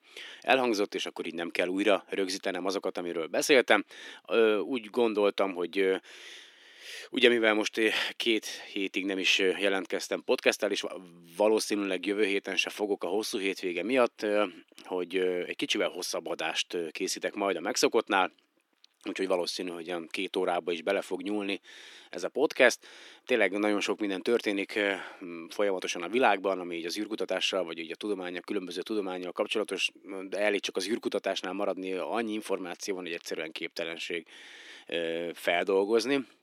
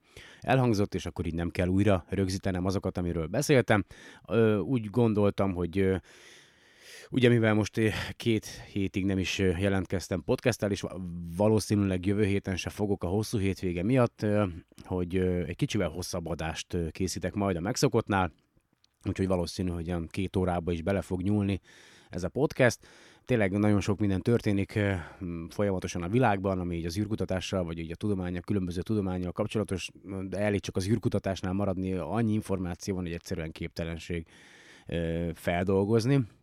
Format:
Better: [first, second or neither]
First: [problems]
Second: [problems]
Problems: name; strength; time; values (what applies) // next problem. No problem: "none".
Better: second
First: thin; somewhat; fading below 300 Hz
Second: none